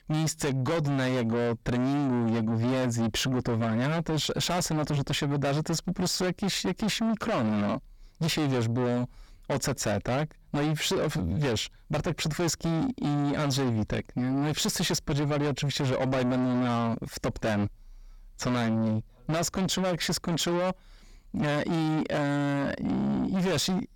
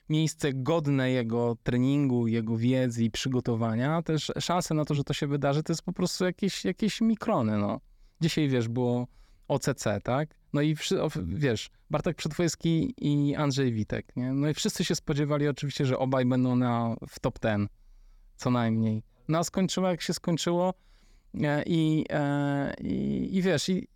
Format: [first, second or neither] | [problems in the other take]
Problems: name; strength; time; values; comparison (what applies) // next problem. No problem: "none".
second | distortion; heavy; 6 dB below the speech